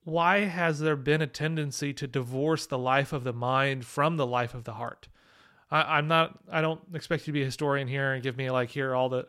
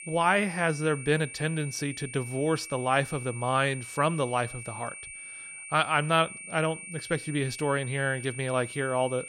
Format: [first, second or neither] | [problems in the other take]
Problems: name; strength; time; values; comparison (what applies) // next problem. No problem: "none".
first | high-pitched whine; noticeable; throughout; 2.5 kHz, 10 dB below the speech